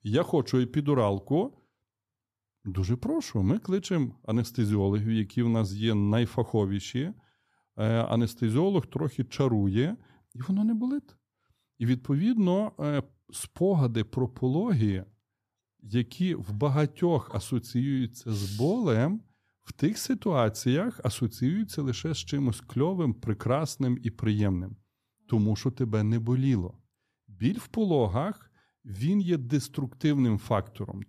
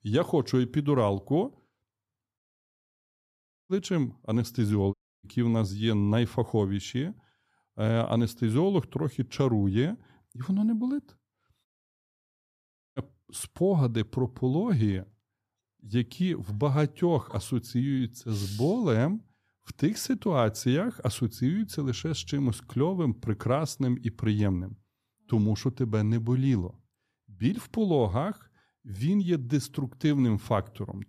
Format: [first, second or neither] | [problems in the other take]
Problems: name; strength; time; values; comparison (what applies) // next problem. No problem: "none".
first | audio cutting out; at 2.5 s for 1.5 s, at 5 s and at 12 s for 1.5 s